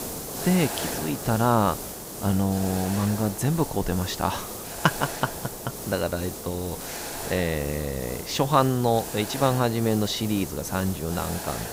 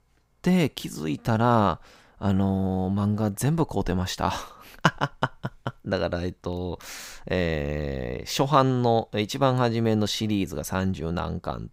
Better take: second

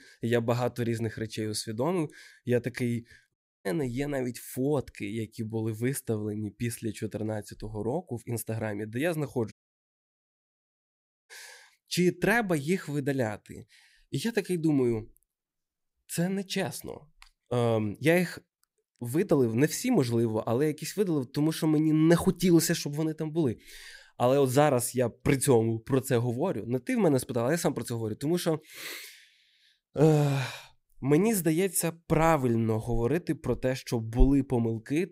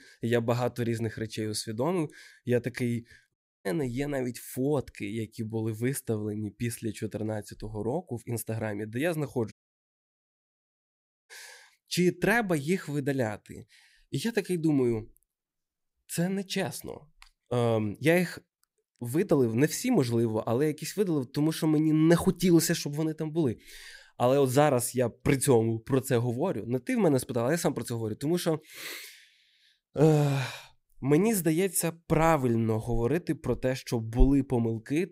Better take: neither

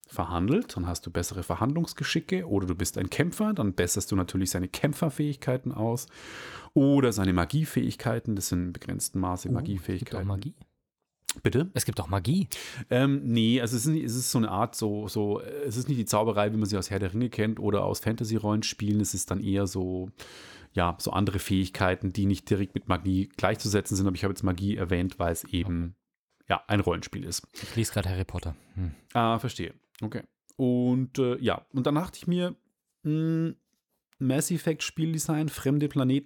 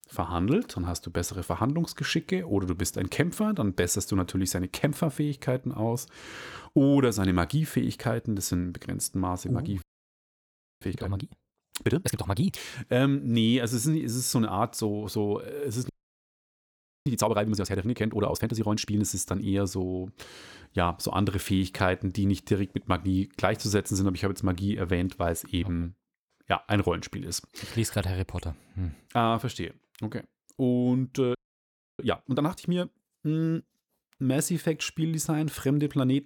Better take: first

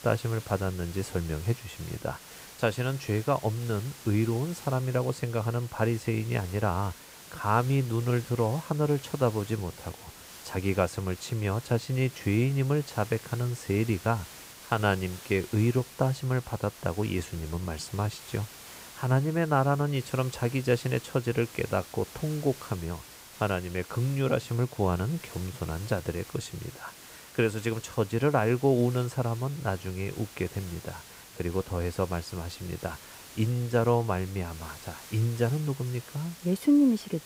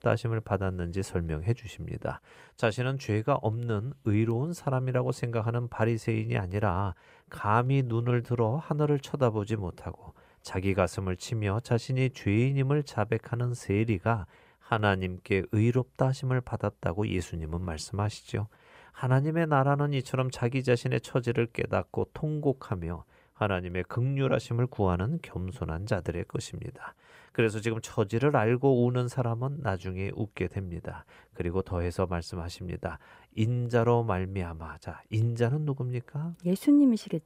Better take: second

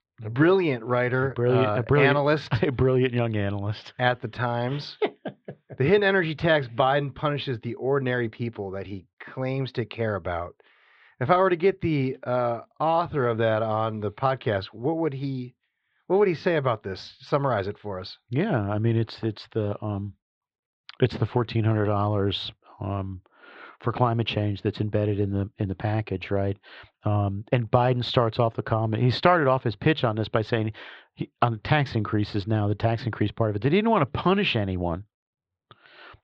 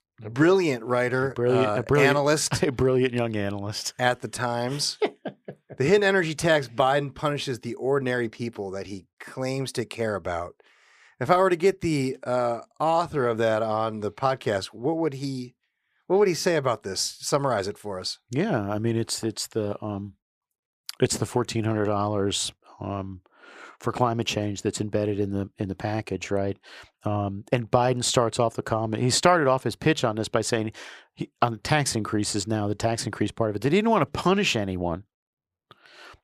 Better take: second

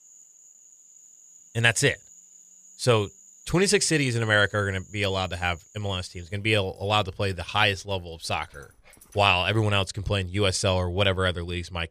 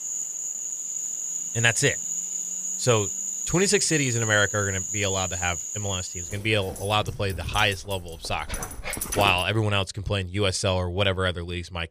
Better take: first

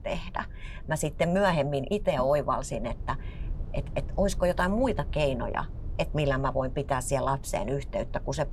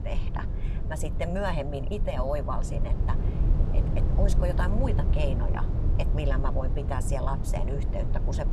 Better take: first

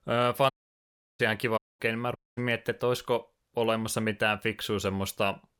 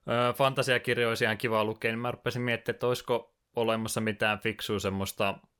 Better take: second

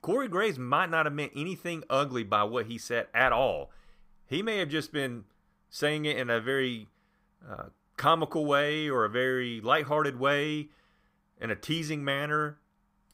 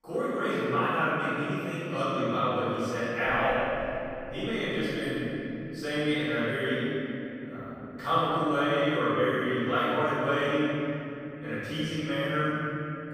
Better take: first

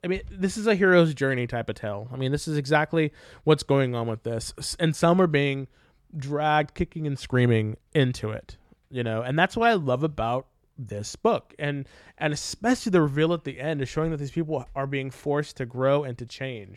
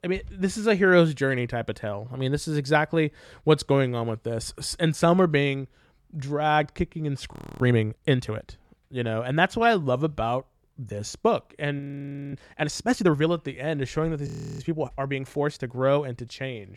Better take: first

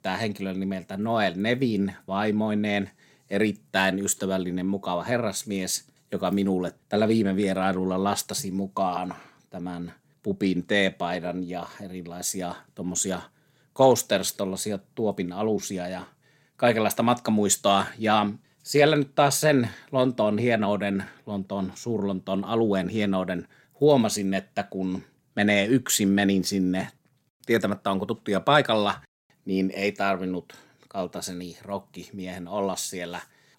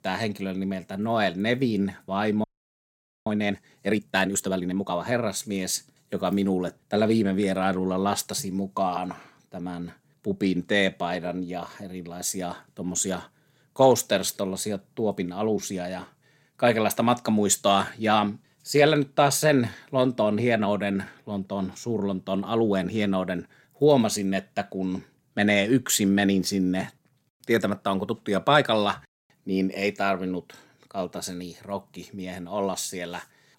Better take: first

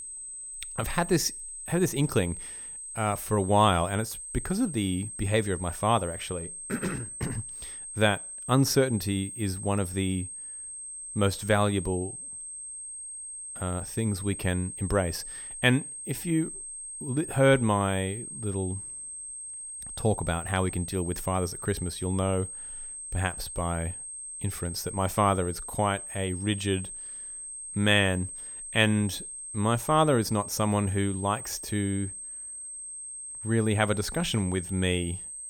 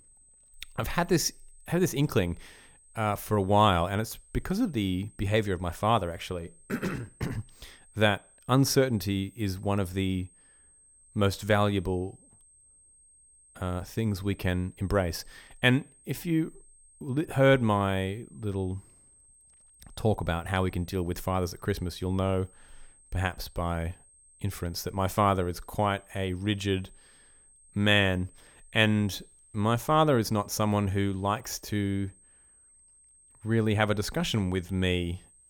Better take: second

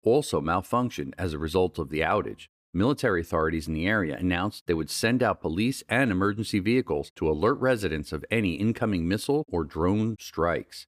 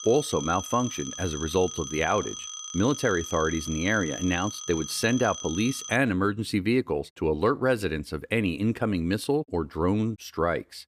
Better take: first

